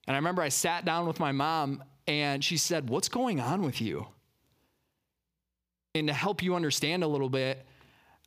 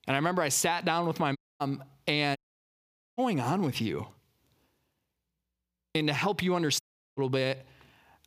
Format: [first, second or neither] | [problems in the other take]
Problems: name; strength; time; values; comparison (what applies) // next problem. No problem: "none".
first | audio cutting out; at 1.5 s, at 2.5 s for 1 s and at 7 s